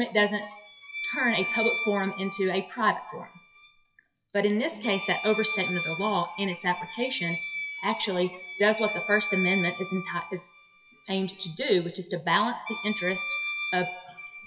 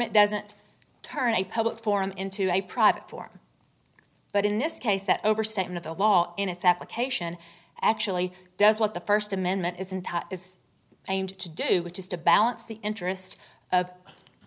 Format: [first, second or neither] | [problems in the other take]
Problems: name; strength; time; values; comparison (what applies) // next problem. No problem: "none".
second | noise reduction (classical method WPE with log-MMSE)